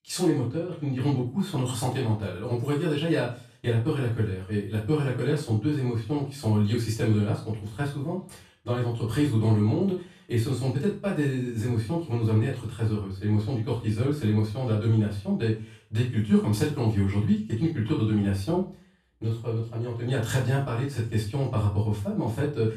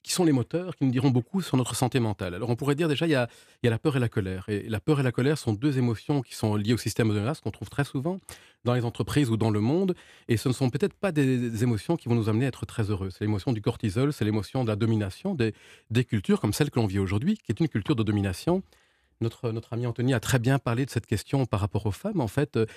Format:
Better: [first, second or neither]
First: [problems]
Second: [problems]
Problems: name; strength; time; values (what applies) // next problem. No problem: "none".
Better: second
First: off-mic speech; far // room echo; noticeable; dies away in 0.3 s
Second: none